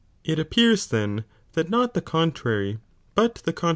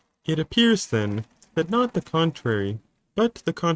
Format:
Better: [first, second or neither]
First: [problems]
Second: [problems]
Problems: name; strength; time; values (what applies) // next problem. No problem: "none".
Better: first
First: none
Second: noise reduction (neural mask model RNNoise)